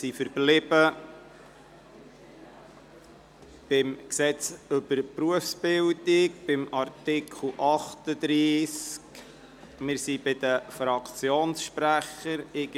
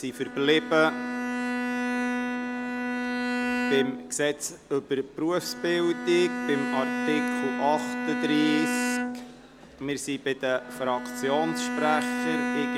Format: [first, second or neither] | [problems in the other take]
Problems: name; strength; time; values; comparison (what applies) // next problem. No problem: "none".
first | background sound (Bowed string instrument); 2 dB below the speech